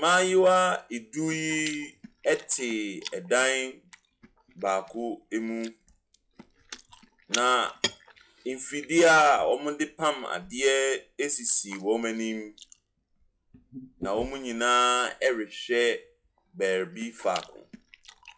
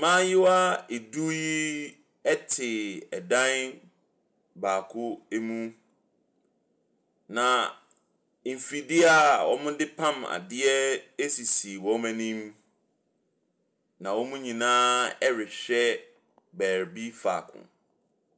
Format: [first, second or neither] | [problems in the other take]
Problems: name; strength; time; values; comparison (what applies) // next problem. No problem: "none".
second | noise reduction (classical method log-MMSE)